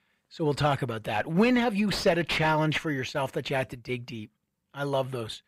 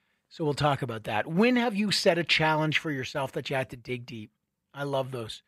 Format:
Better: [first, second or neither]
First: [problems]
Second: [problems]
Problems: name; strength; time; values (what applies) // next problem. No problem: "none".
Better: second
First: distortion; slight; 10 dB below the speech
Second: none